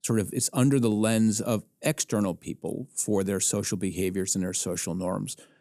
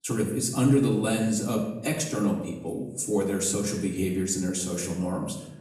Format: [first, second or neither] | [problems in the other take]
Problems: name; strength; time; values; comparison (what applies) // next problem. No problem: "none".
first | room echo; noticeable; dies away in 0.7 s // off-mic speech; far